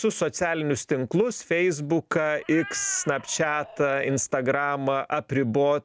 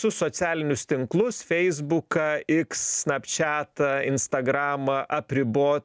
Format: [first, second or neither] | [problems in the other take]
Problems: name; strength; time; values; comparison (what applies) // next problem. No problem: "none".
second | background sound (Meow); 17 dB below the speech